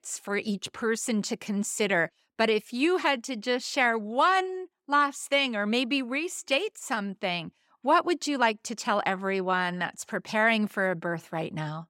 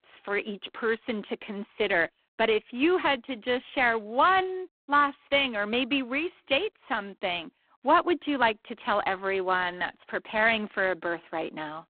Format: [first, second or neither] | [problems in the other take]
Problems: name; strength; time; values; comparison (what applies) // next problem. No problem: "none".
first | phone-call audio; poor line